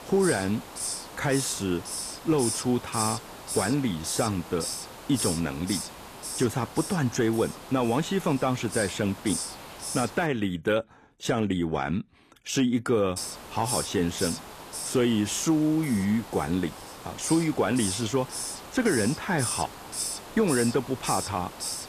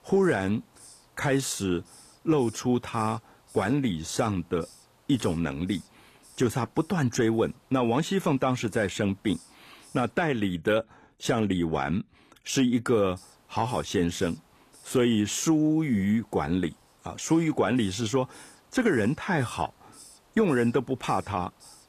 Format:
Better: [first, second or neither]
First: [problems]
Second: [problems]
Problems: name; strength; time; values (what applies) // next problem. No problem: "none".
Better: second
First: hiss; loud; until 10 s and from 13 s on; 6 dB below the speech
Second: hiss; faint; until 10 s and from 13 s on; 25 dB below the speech